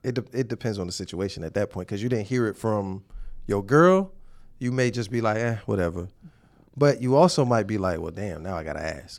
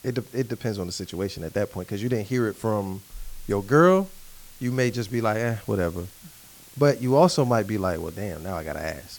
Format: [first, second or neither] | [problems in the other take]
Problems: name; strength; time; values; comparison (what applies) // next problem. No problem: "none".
first | hiss; faint; throughout; 20 dB below the speech